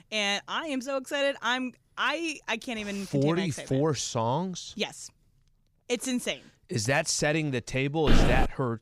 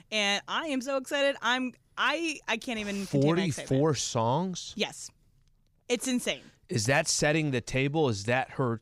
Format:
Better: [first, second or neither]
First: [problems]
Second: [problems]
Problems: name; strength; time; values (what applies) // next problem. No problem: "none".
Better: second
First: footsteps; loud; at 8 s; peak 4 dB above the speech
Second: none